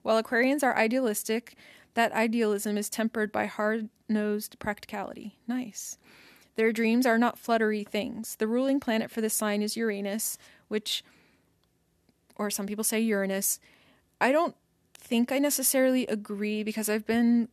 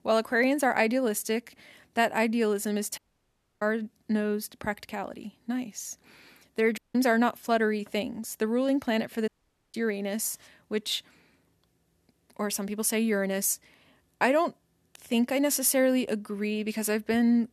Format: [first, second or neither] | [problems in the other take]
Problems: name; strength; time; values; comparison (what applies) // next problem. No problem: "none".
first | audio cutting out; at 3 s for 0.5 s, at 7 s and at 9.5 s